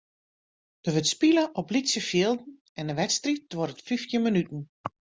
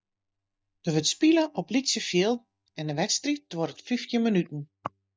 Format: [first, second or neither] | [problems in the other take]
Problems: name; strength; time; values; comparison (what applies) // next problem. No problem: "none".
first | noise reduction (neural mask model DeepFilterNet 3)